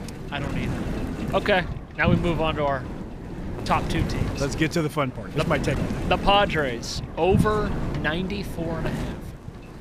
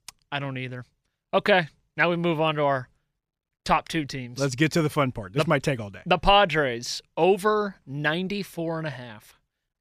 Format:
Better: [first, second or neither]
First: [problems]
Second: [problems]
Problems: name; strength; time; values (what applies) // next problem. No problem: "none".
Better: second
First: wind noise on the microphone; occasional gusts; 10 dB below the speech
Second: none